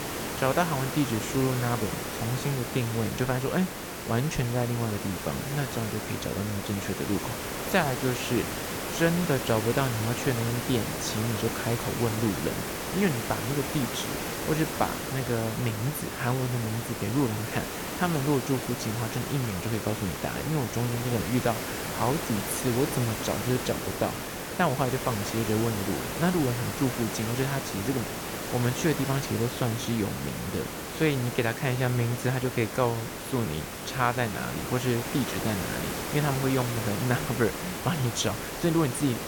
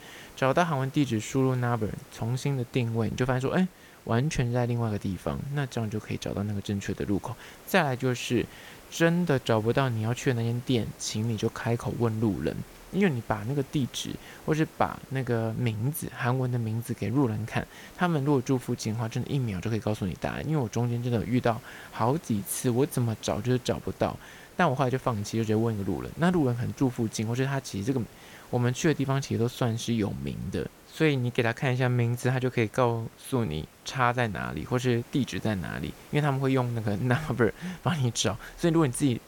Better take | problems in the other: second | hiss; loud; throughout; 4 dB below the speech; faint in the second

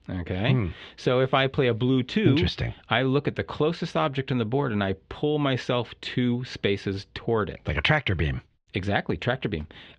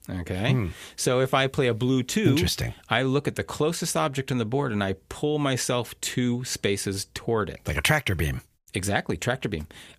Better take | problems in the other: second | muffled; slightly; fading above 3.5 kHz

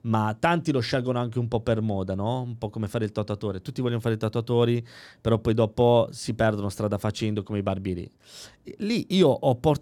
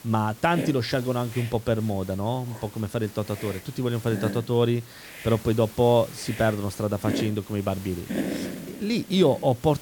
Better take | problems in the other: first | hiss; noticeable; throughout; 10 dB below the speech

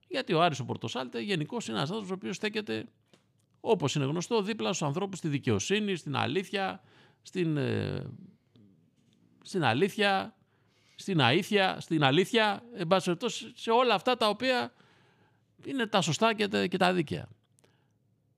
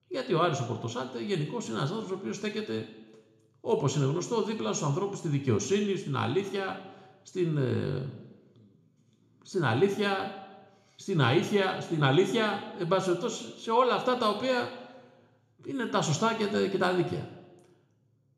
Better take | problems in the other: first | room echo; slight; dies away in 0.7 s // off-mic speech; somewhat distant

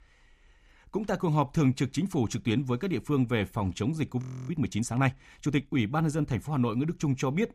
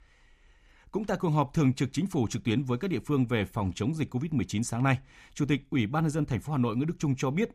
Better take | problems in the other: second | audio freezing; at 4 s

